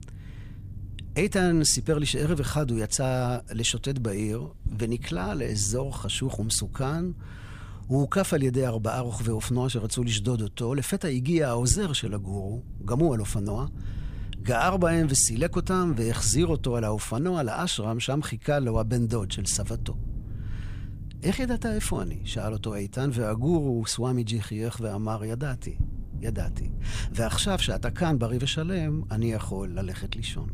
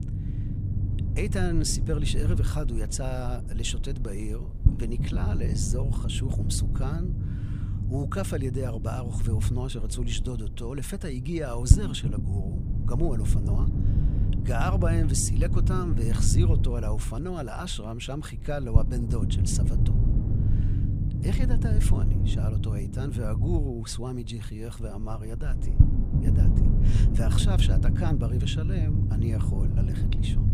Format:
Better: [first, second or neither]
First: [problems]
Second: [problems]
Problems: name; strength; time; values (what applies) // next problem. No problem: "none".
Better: first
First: low rumble; faint; throughout; 20 dB below the speech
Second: low rumble; loud; throughout; 4 dB below the speech